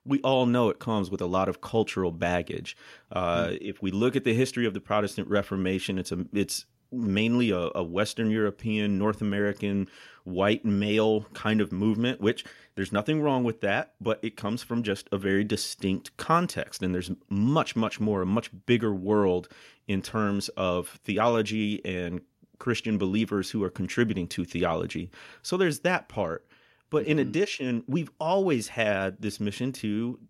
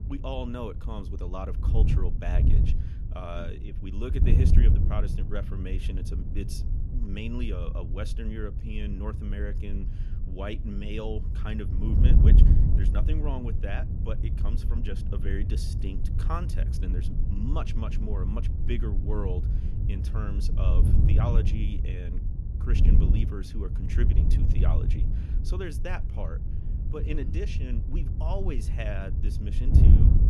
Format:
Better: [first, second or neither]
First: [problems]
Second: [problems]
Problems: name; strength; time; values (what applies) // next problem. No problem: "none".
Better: first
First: none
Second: wind noise on the microphone; heavy; 3 dB below the speech